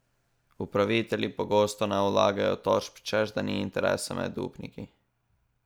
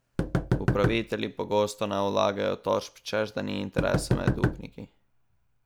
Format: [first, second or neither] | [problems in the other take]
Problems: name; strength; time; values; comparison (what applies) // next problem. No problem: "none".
first | background sound (Knock); as loud as the speech